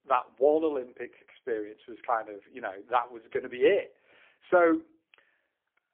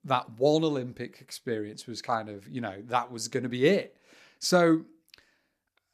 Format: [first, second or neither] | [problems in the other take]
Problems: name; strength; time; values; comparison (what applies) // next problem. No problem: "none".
second | phone-call audio; poor line; nothing above 3.5 kHz